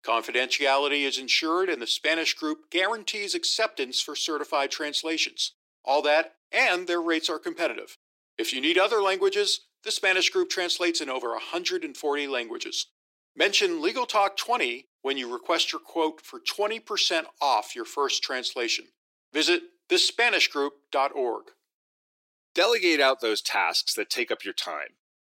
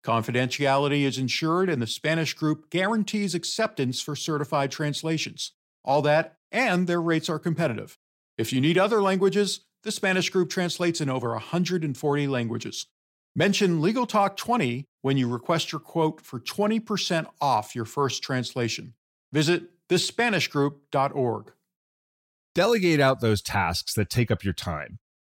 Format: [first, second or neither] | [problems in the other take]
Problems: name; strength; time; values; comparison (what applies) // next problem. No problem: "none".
second | thin; very; fading below 350 Hz